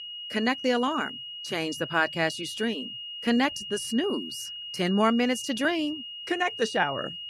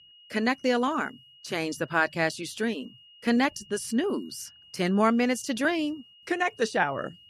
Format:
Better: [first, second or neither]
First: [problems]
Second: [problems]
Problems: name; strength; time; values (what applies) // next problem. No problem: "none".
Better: second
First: high-pitched whine; loud; throughout; 3 kHz, 8 dB below the speech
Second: high-pitched whine; faint; throughout; 3 kHz, 25 dB below the speech